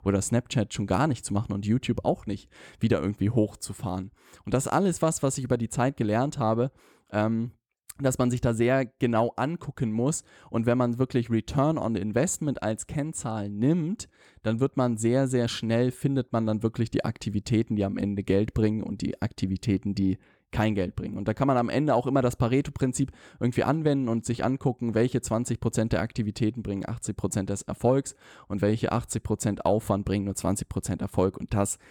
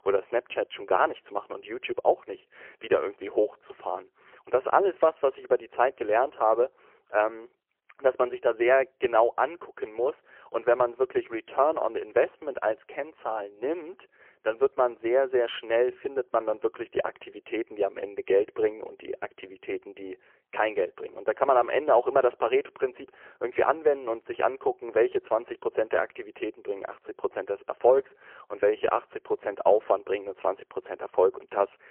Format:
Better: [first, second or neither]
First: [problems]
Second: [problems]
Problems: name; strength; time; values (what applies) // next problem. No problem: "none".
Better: first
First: none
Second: phone-call audio; poor line; nothing above 3 kHz